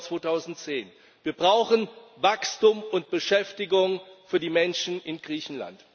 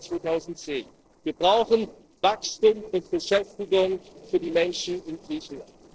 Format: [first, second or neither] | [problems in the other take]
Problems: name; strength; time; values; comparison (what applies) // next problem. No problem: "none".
first | noise reduction (neural separator model SepFormer DNS4)